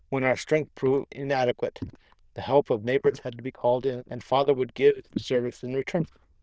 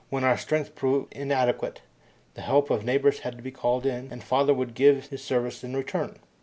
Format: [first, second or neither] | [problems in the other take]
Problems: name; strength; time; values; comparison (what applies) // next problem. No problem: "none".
second | noise reduction (neural diffusion model UNIVERSE++)